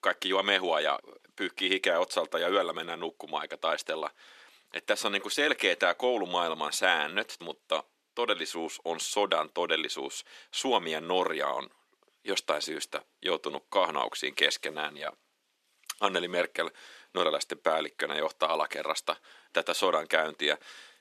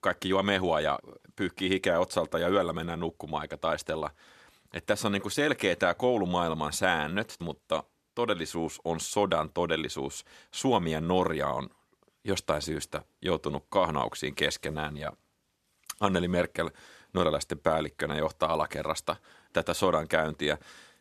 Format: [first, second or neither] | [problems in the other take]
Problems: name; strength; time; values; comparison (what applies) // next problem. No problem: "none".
second | thin; somewhat; fading below 300 Hz